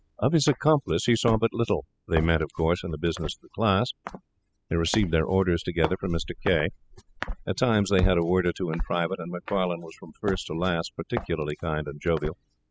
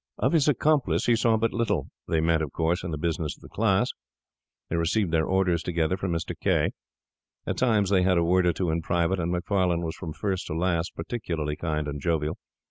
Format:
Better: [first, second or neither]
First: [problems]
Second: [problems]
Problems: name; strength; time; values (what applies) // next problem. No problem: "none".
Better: second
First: noise reduction (classical method spectral subtraction)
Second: none